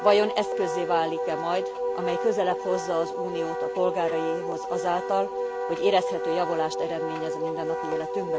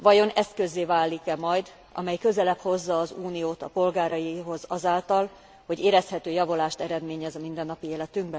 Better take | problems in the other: second | background sound (Wind instrument, woodwind instrument); 2 dB below the speech

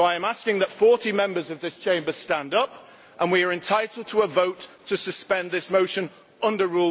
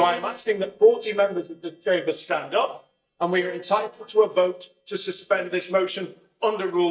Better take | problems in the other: first | noise reduction (neural mask model DeepFilterNet 3)

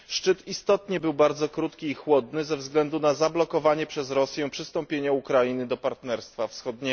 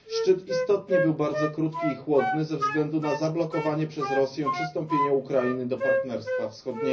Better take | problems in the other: first | background sound (Wind instrument, woodwind instrument); 3 dB below the speech // room echo; dies away in 0.4 s

